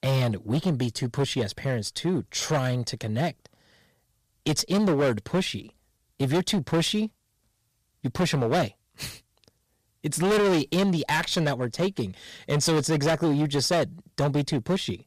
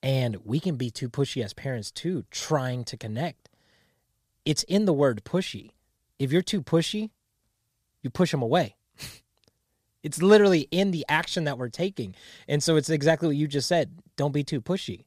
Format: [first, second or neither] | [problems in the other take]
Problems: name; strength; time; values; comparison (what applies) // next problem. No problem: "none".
second | distortion; heavy; 12% of the sound clipped